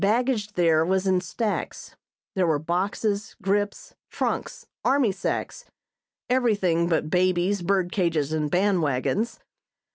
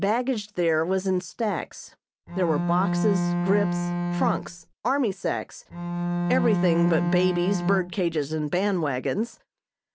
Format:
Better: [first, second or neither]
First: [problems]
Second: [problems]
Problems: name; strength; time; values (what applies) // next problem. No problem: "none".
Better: first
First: none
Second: background sound (Bowed string instrument); 1 dB above the speech